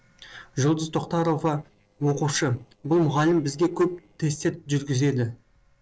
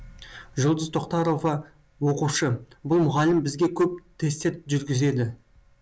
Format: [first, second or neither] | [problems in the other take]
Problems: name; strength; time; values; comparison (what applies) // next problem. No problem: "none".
second | noise reduction (neural separator model SepFormer DNS4)